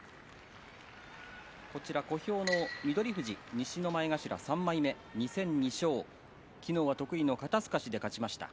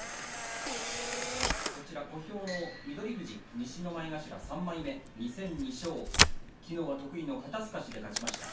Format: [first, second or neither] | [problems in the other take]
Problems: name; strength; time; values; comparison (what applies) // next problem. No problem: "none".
first | background sound (Camera); 3 dB above the speech // room echo; dies away in 0.3 s